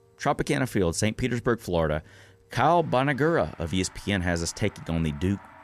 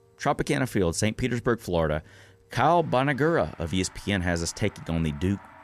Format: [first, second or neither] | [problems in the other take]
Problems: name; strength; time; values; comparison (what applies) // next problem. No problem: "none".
neither | background music; faint; throughout; 25 dB below the speech; the same in both